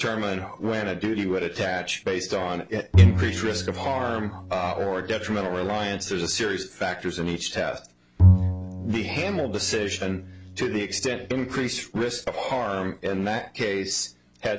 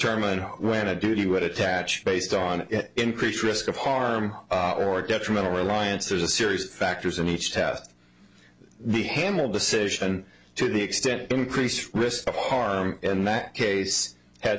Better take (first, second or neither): second